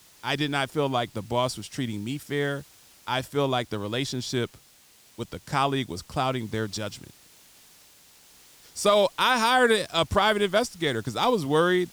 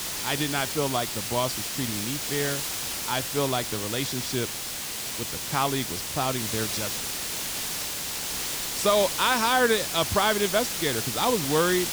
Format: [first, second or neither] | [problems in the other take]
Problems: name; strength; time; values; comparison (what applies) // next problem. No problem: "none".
first | hiss; loud; throughout; 2 dB below the speech; faint in the first